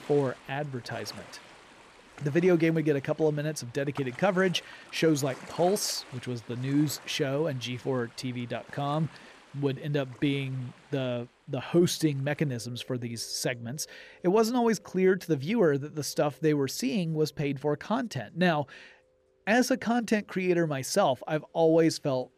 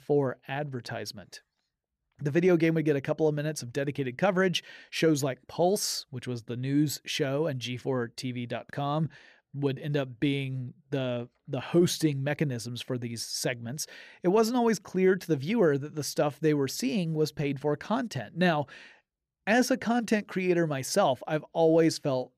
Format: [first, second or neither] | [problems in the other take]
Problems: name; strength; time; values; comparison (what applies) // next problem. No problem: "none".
second | rain or running water; faint; throughout; 20 dB below the speech